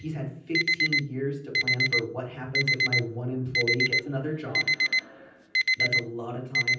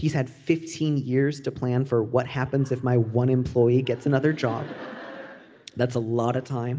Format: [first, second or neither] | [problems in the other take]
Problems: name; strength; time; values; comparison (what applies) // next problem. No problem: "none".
second | background sound (Alarm); 5 dB above the speech // room echo; dies away in 0.6 s